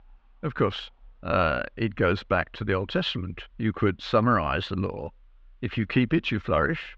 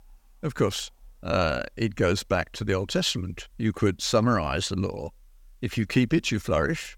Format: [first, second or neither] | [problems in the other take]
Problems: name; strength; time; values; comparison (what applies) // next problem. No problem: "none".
second | muffled; slightly; fading above 3.5 kHz